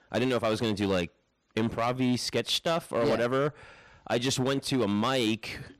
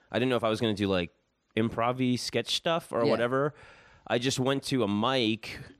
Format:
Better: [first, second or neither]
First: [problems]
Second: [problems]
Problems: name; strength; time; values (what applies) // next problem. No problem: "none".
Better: second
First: distortion; slight; 9% of the sound clipped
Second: none